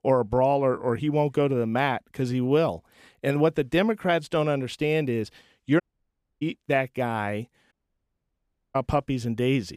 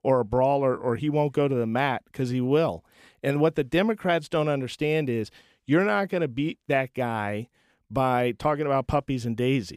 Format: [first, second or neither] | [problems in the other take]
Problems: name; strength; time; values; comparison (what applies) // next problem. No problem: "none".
second | audio cutting out; at 6 s for 0.5 s and at 7.5 s for 1 s